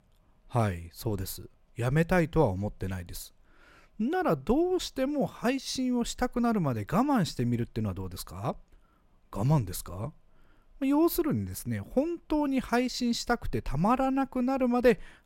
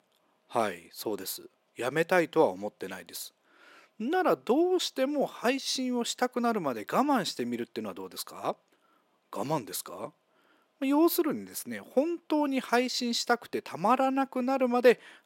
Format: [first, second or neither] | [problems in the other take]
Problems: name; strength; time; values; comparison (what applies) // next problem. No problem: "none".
first | thin; very slightly; fading below 300 Hz